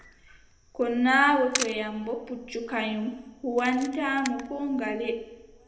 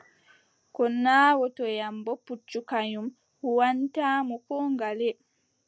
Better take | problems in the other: second | background sound (Camera); 14 dB below the speech // room echo; dies away in 0.8 s

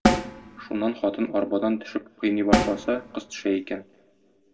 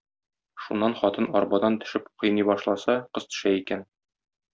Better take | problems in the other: second | background sound (Snare drum); 1 dB below the speech // room echo; dies away in 0.2 s

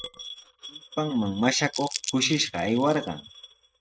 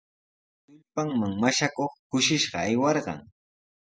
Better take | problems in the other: second | noise reduction (neural mask model RNNoise)

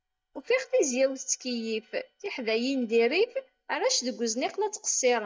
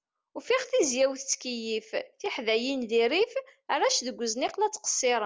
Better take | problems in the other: second | noise reduction (neural mask model DeepFilterNet 3)

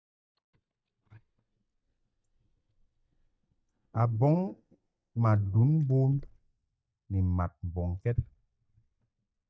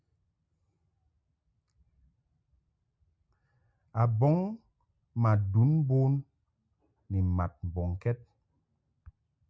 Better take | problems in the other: second | noise reduction (neural mask model DeepFilterNet 3)

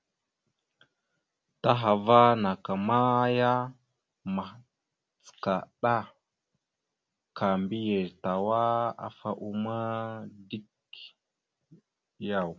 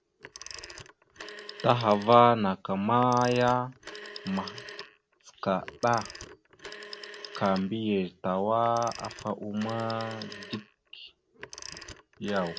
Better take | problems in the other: first | background sound (Telephone); 16 dB below the speech

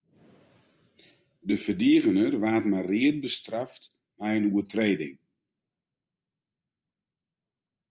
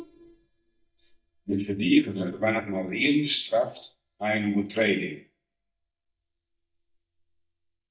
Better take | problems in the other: first | noise reduction (neural mask model DeepFilterNet 3)

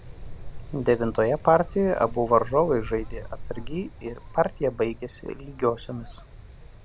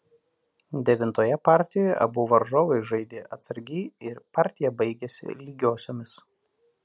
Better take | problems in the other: second | background sound (Wind); 12 dB below the speech

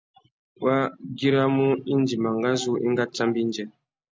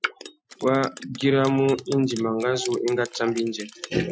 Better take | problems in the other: first | noise reduction (classical method Wiener filter)

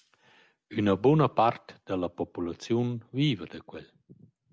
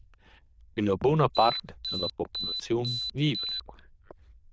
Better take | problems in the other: first | noise reduction (neural diffusion model UNIVERSE++)

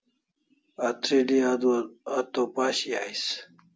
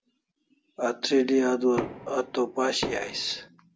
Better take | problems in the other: first | background sound (Knock); 10 dB below the speech

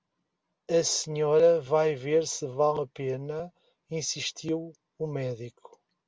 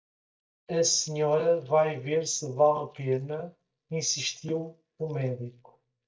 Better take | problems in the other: first | noise reduction (neural mask model DeepFilterNet 3)

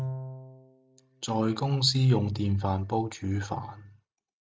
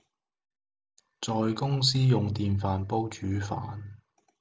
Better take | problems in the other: second | noise reduction (neural mask model RNNoise)

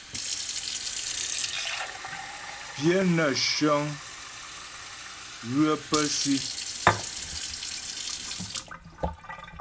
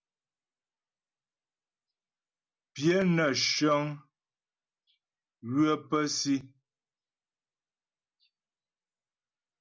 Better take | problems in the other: second | background sound (Fill (with liquid) / Sink (filling or washing)); 3 dB below the speech

